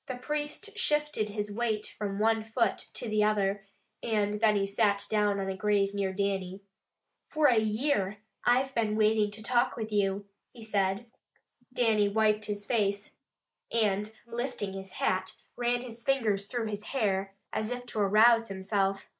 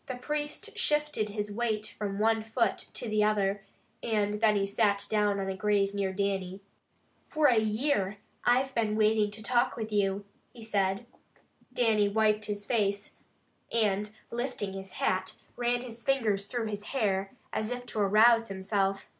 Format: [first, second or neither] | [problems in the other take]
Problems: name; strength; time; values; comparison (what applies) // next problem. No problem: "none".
second | noise reduction (neural mask model Resemble Enhance denoiser)